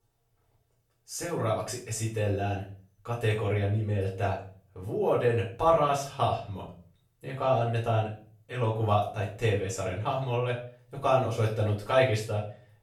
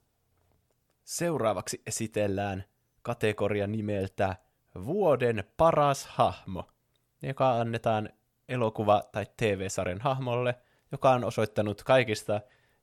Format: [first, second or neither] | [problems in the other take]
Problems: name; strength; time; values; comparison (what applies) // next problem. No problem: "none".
second | off-mic speech; far // room echo; slight; dies away in 0.4 s